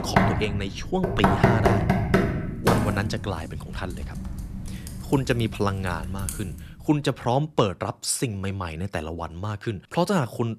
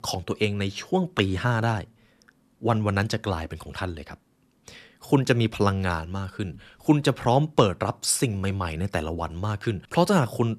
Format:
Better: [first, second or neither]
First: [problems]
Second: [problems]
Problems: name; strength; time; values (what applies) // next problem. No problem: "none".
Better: second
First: household noises; very loud; until 6.5 s; 1 dB above the speech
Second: none